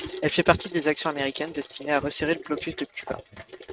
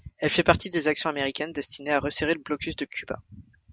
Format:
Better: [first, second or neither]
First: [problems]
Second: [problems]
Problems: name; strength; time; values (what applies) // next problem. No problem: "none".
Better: second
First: noise reduction (neural mask model RNNoise)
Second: none